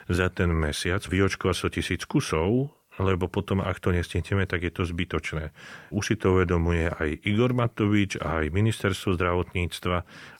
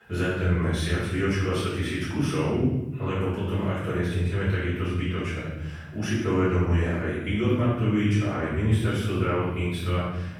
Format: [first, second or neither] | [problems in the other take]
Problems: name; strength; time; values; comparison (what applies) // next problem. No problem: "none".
first | off-mic speech; far // room echo; strong; dies away in 1.2 s